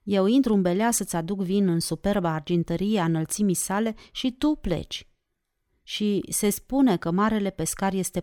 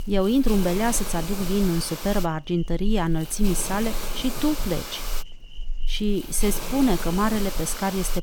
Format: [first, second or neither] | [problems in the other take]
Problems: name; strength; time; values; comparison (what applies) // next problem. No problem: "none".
first | hiss; loud; throughout; 8 dB below the speech